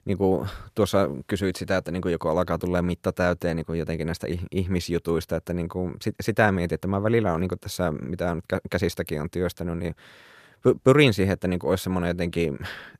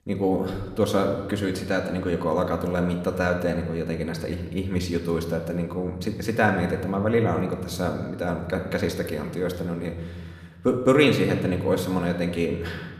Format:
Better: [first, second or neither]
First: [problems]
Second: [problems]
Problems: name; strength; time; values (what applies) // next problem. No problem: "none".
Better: first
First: none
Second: room echo; slight; dies away in 1.2 s